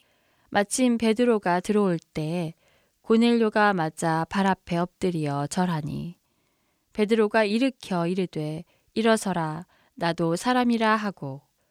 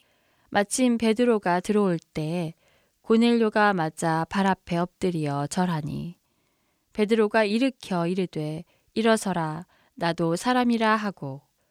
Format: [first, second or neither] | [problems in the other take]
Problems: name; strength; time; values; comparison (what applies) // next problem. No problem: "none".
neither | none